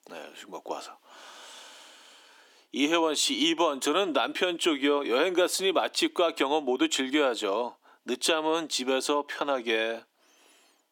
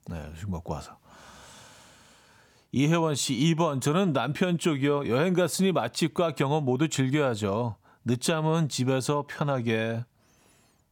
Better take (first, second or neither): second